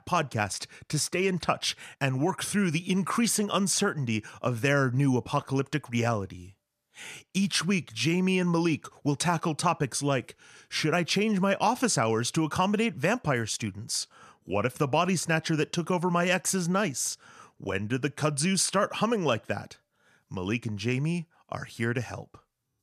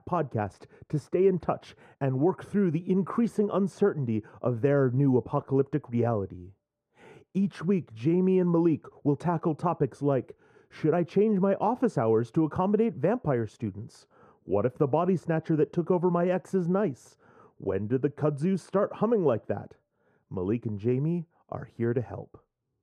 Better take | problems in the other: first | muffled; very; fading above 2 kHz

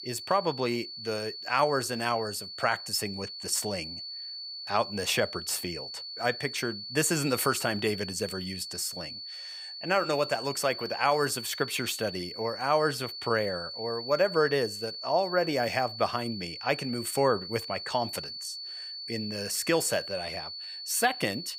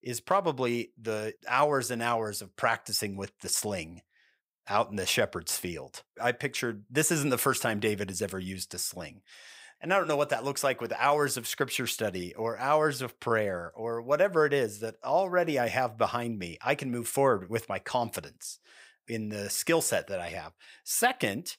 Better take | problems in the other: second | high-pitched whine; loud; throughout; 4.5 kHz, 8 dB below the speech

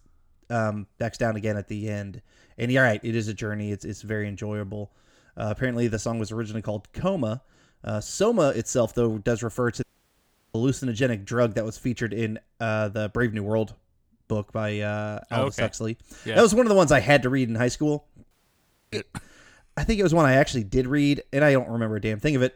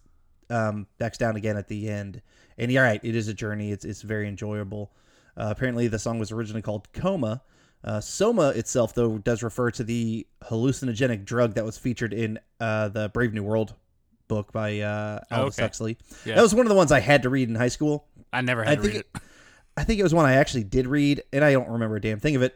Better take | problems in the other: second | audio cutting out; at 10 s for 0.5 s and at 18 s for 0.5 s

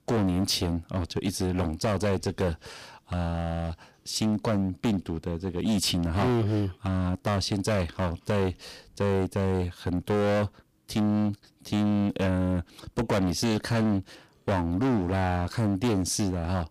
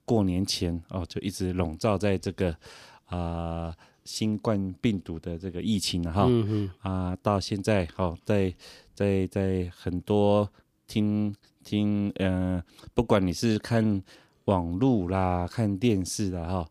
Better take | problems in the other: second | distortion; heavy; 17% of the sound clipped

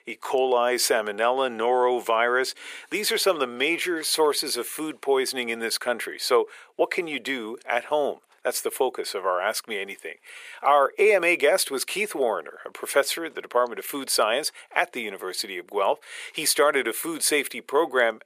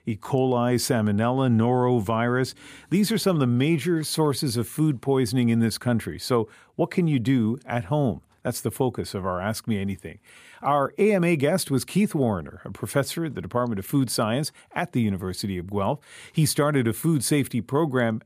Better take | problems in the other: second | thin; very; fading below 450 Hz

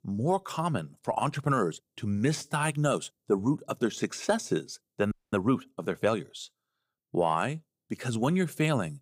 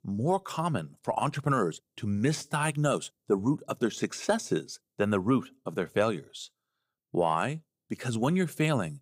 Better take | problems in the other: second | audio freezing; at 5 s

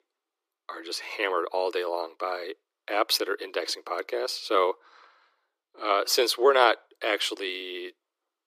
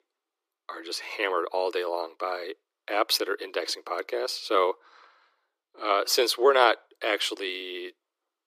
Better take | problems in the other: neither | thin; very; fading below 300 Hz; the same in both

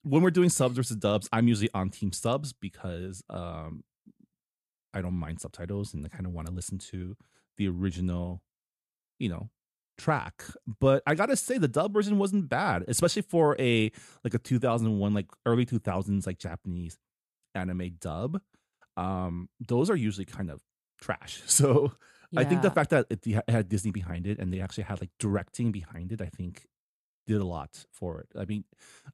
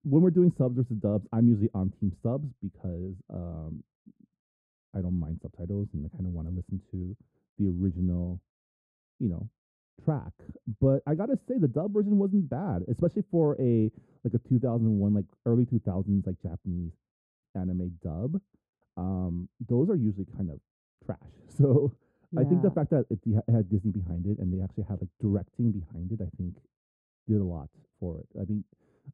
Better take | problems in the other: first | muffled; very; fading above 1 kHz

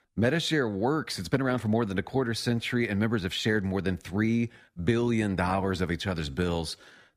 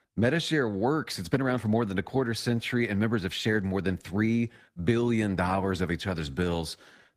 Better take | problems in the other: first | garbled, watery; slightly; nothing above 15 kHz

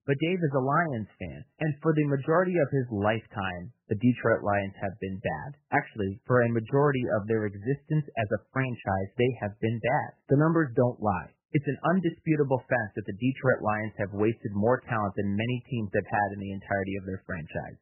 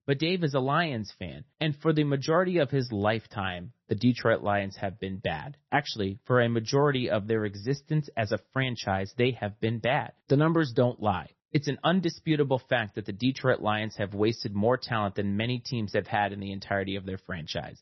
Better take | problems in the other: second | garbled, watery; badly; nothing above 3 kHz; slightly in the second

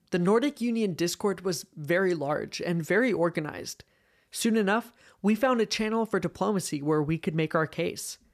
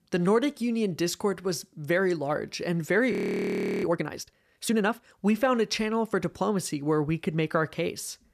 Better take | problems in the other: first | audio freezing; at 3 s for 0.5 s

